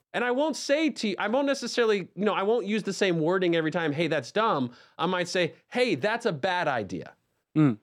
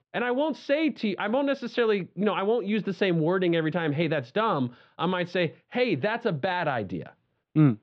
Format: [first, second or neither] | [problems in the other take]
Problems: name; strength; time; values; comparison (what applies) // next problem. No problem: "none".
first | muffled; slightly; fading above 3.5 kHz